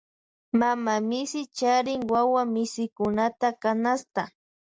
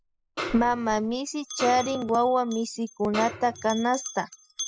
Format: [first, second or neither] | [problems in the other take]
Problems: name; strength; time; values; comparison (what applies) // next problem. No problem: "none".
first | noise reduction (classical method spectral subtraction)